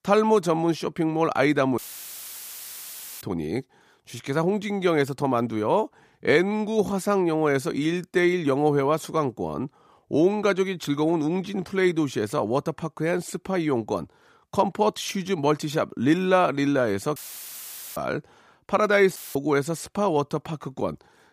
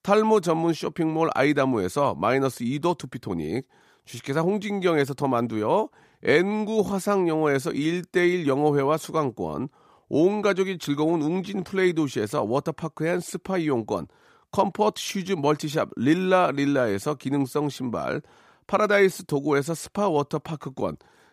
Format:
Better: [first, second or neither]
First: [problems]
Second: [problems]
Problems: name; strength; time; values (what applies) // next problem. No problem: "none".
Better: second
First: audio cutting out; filled with static; at 2 s for 1.5 s, at 17 s for 1 s and at 19 s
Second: none